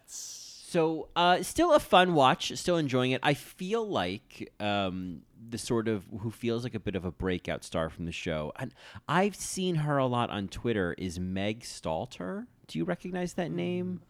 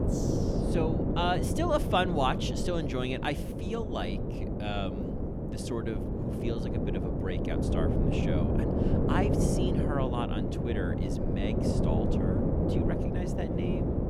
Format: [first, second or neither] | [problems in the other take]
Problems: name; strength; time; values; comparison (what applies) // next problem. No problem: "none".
first | wind noise on the microphone; heavy; 1 dB below the speech